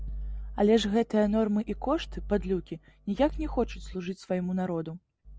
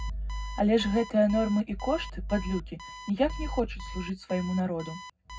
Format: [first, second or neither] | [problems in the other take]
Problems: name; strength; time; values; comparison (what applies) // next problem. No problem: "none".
first | background sound (Alarm); 17 dB below the speech // room echo; dies away in 0.3 s